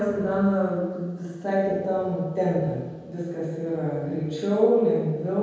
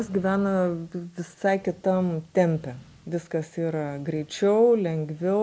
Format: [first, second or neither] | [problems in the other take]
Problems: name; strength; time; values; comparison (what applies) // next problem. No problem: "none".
second | room echo; dies away in 1.2 s